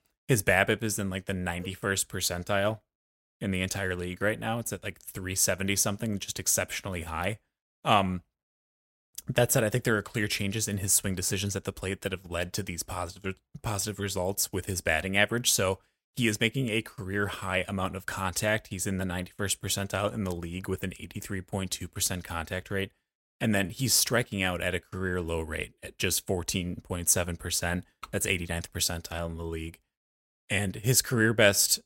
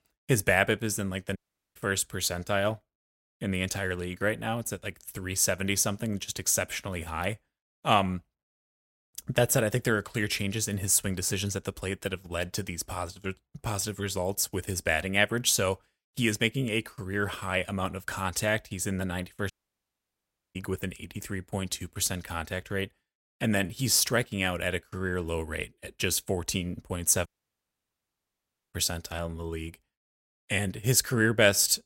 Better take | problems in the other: first | audio cutting out; at 1.5 s, at 20 s for 1 s and at 27 s for 1.5 s

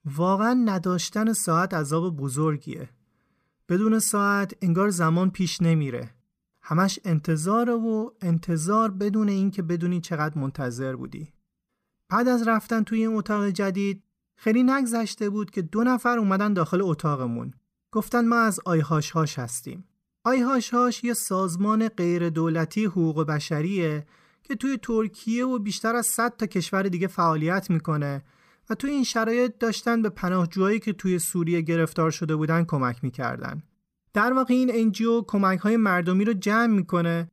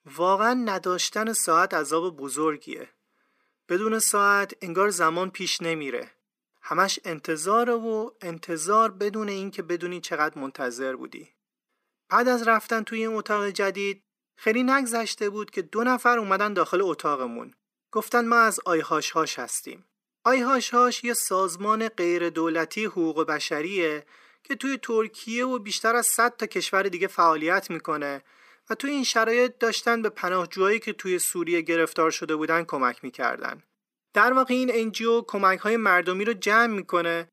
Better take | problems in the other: first | thin; somewhat; fading below 300 Hz

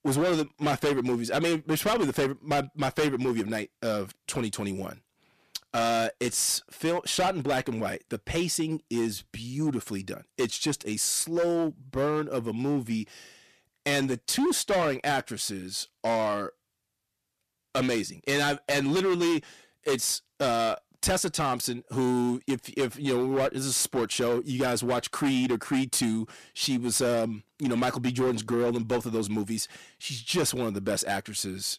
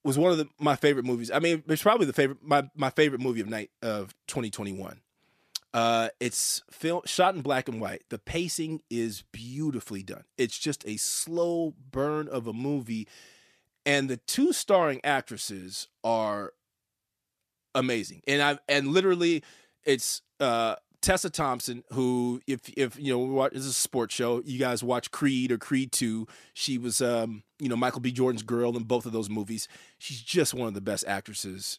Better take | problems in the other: second | distortion; heavy; 12% of the sound clipped

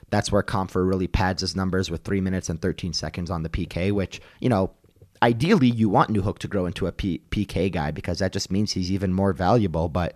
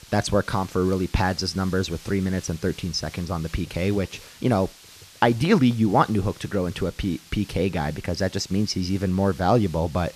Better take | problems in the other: first | hiss; faint; throughout; 20 dB below the speech

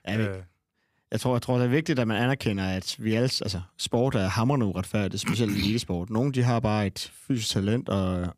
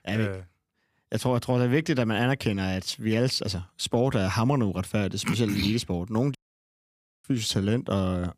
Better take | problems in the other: first | audio cutting out; at 6.5 s for 1 s

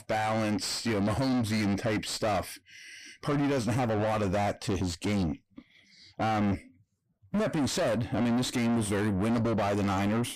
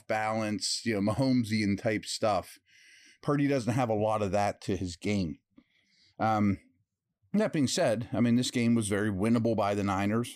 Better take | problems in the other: second | distortion; heavy; 7 dB below the speech

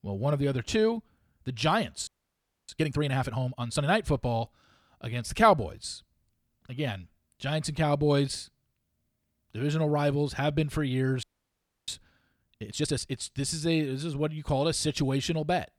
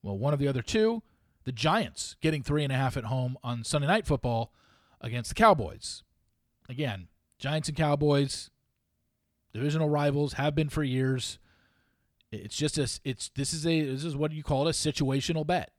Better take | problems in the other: second | audio freezing; at 2 s for 0.5 s and at 11 s for 0.5 s

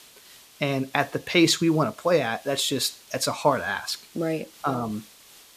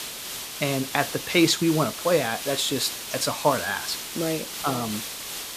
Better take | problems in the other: first | hiss; loud; throughout; 6 dB below the speech; faint in the first

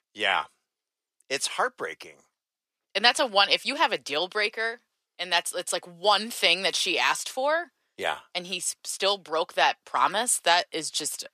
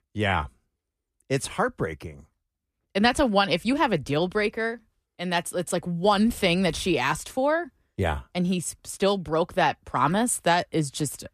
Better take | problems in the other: second | thin; very; fading below 600 Hz

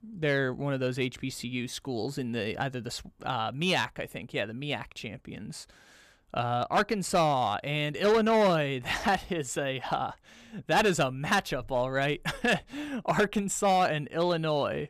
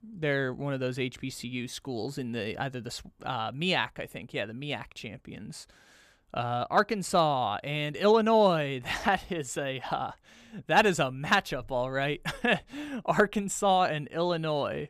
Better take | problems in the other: second | distortion; slight; 3% of the sound clipped

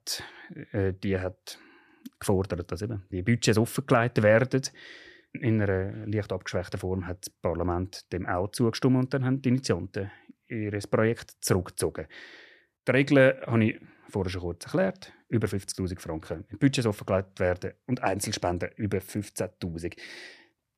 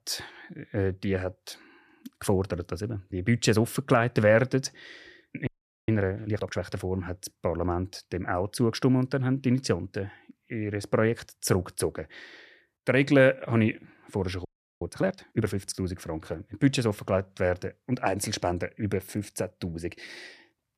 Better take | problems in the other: first | audio freezing; at 5.5 s and at 14 s

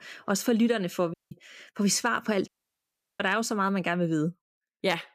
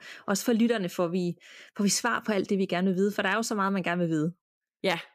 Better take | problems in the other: second | audio cutting out; at 1 s and at 2.5 s for 0.5 s

